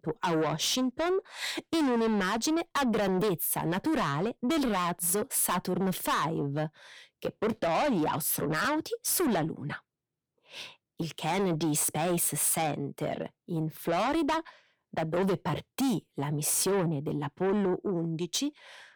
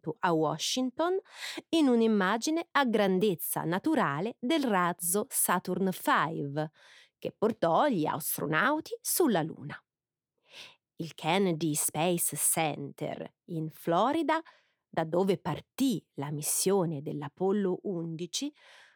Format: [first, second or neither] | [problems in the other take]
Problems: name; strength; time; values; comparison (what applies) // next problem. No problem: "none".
second | distortion; heavy; 7 dB below the speech